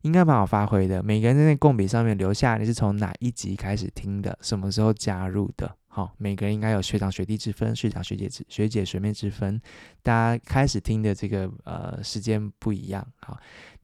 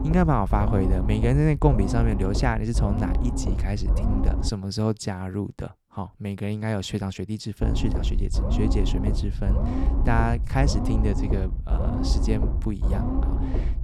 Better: first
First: none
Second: low rumble; loud; until 4.5 s and from 7.5 s on; 6 dB below the speech

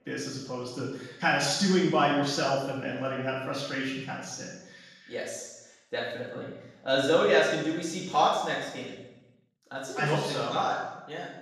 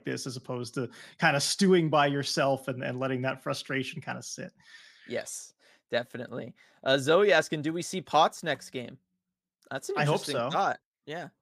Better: second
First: room echo; strong; dies away in 0.9 s // off-mic speech; far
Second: none

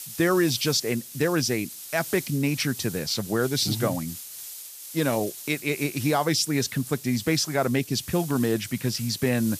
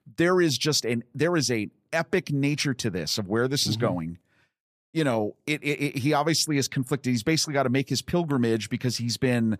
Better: second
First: hiss; noticeable; throughout; 10 dB below the speech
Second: none

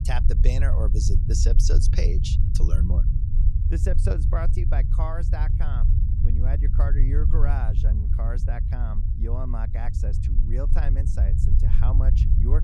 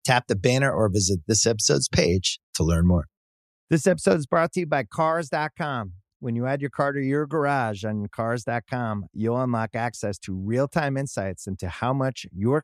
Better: second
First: low rumble; loud; throughout; 4 dB below the speech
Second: none

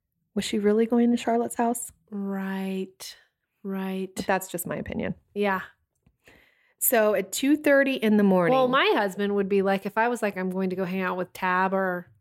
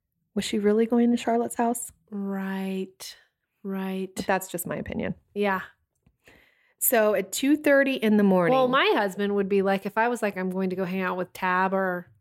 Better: neither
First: none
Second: none

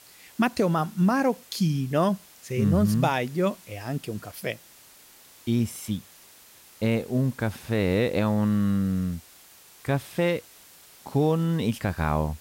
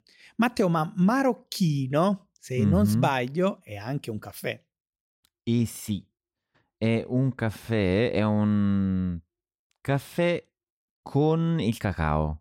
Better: second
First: hiss; faint; throughout; 25 dB below the speech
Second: none

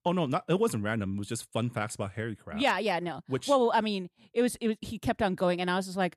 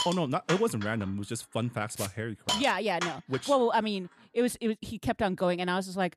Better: first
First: none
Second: hiss; loud; until 4.5 s; 6 dB below the speech

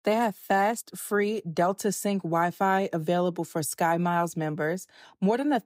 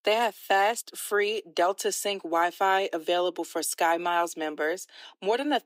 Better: first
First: none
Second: thin; somewhat; fading below 300 Hz

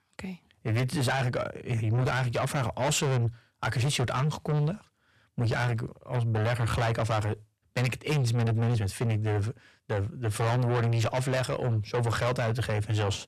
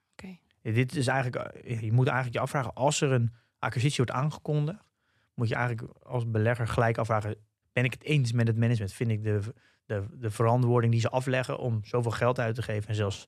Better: second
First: distortion; heavy; 6 dB below the speech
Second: none

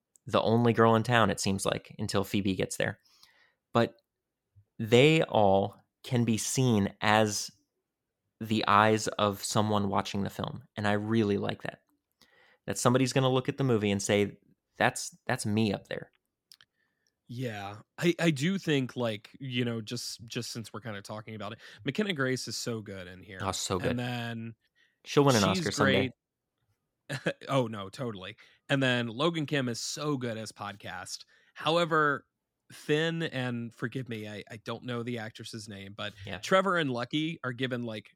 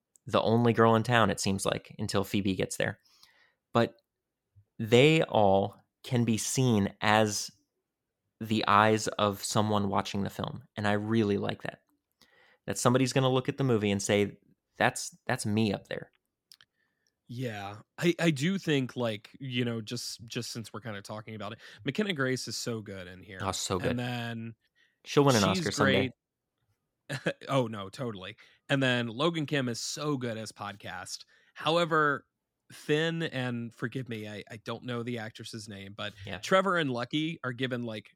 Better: neither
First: none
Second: none

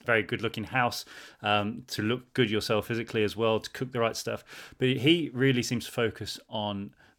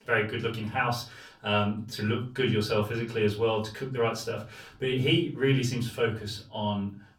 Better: first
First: none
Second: off-mic speech; far // room echo; very slight; dies away in 0.4 s

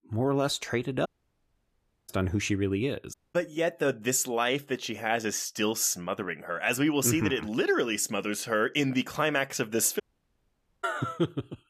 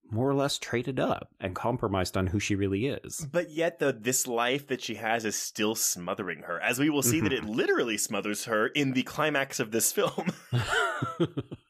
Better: second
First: audio cutting out; at 1 s for 1 s, at 3 s and at 10 s for 1 s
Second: none

